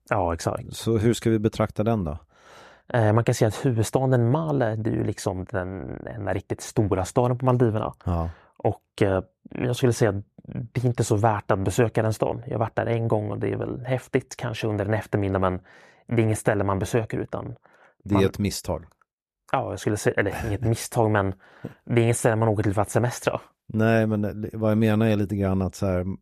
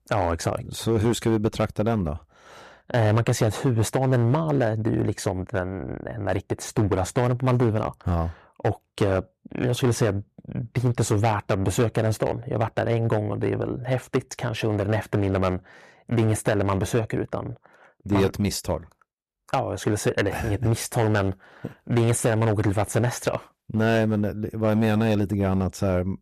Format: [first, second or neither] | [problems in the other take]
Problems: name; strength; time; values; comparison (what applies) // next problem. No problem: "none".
first | distortion; slight; 5% of the sound clipped